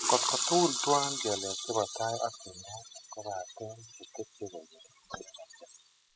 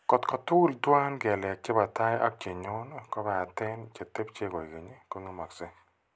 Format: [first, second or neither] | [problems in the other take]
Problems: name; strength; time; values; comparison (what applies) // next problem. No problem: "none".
second | noise reduction (classical method spectral subtraction)